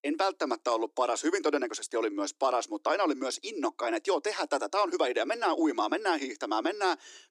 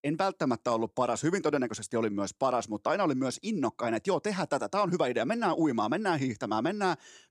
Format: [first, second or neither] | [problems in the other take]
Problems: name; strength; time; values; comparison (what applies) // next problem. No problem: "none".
second | thin; very slightly; fading below 300 Hz